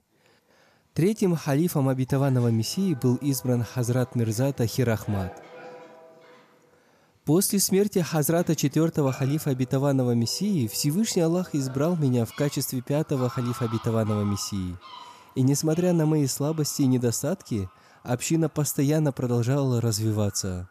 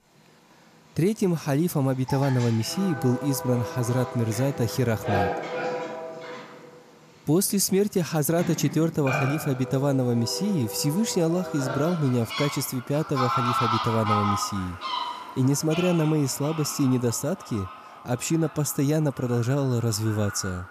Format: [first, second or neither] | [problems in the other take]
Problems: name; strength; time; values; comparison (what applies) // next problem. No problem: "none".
first | animal sounds; loud; throughout; 7 dB below the speech; faint in the first